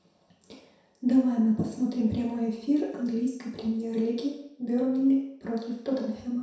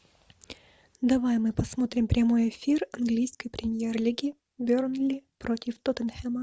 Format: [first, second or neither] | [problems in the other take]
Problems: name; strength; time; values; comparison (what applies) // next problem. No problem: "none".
second | room echo; dies away in 0.7 s